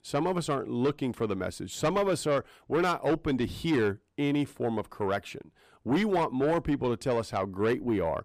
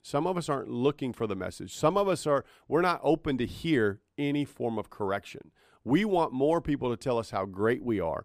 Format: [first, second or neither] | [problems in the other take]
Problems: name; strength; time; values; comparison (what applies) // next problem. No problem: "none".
second | distortion; slight; 10 dB below the speech